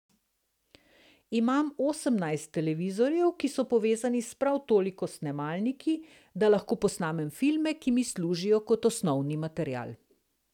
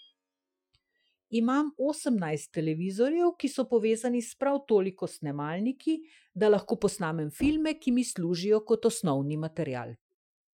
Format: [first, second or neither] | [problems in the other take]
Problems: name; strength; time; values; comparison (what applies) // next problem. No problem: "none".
first | noise reduction (classical method Wiener filter)